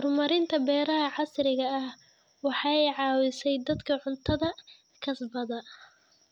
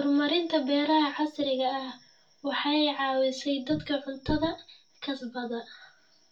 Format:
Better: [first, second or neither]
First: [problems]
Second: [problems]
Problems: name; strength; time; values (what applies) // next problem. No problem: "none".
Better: first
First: none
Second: room echo; dies away in 0.2 s